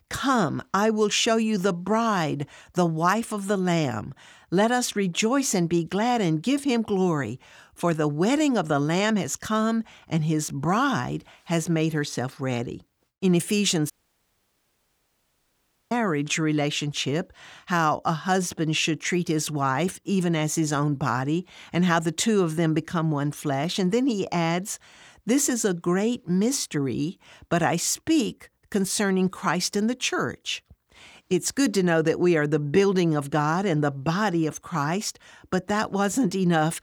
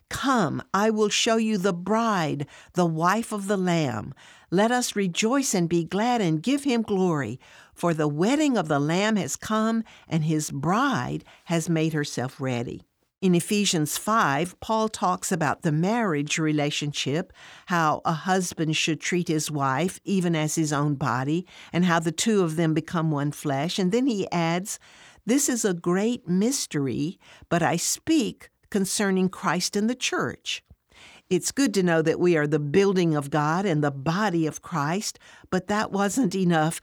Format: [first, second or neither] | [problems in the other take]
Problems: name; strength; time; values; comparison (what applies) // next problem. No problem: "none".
second | audio cutting out; at 14 s for 2 s